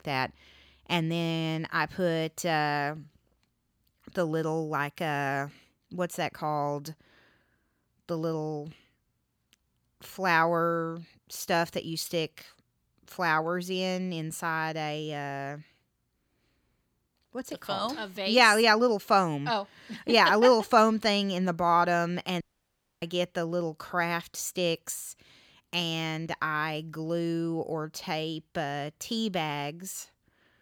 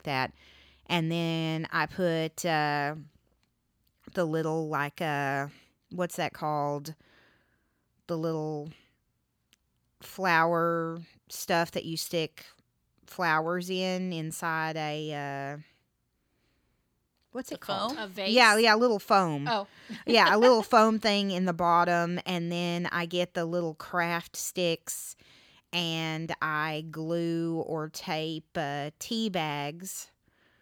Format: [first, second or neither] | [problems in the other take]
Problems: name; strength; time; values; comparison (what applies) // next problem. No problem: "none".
second | audio cutting out; at 22 s for 0.5 s